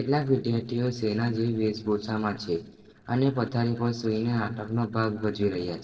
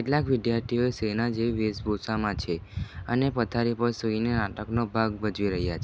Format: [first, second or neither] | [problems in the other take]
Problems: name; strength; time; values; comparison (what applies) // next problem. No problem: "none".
second | noise reduction (neural separator model SepFormer DNS4)